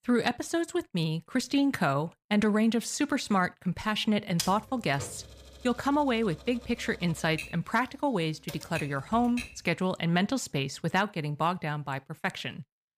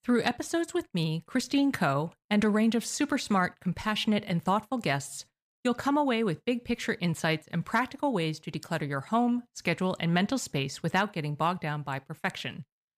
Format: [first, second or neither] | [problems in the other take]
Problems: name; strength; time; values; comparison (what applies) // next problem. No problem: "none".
second | keyboard typing; noticeable; from 4.5 to 9.5 s; peak 5 dB below the speech